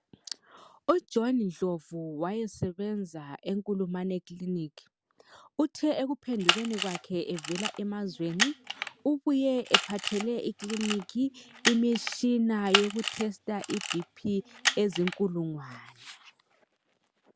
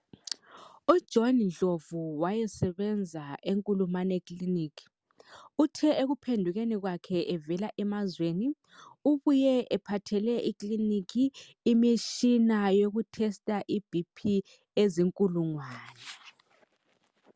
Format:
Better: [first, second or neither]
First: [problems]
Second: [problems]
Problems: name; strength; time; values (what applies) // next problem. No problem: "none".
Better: second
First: background sound (Camera); 2 dB below the speech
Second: none